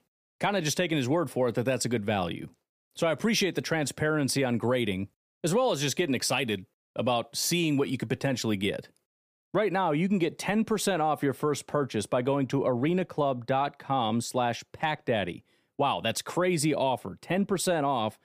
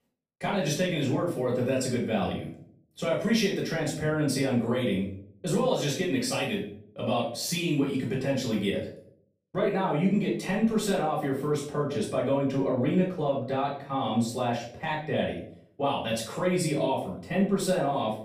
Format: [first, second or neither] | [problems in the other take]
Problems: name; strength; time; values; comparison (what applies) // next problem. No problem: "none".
first | off-mic speech; far // room echo; noticeable; dies away in 0.5 s